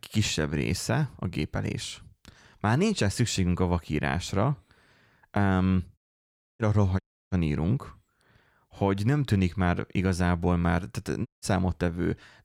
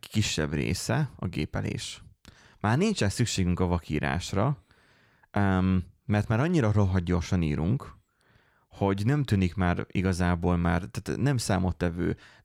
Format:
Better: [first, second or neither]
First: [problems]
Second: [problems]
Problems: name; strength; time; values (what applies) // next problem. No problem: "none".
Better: second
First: audio cutting out; at 6 s for 0.5 s, at 7 s and at 11 s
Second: none